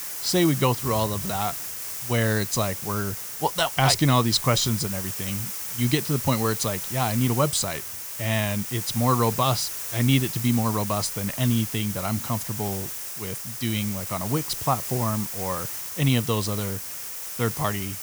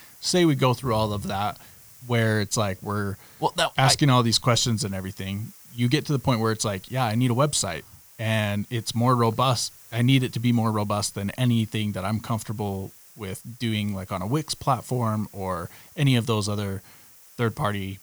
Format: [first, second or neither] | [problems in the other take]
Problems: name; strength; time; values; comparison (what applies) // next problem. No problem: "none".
second | hiss; loud; throughout; 5 dB below the speech; faint in the second